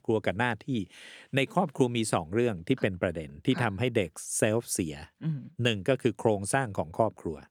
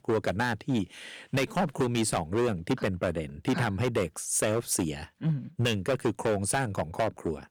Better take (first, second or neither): first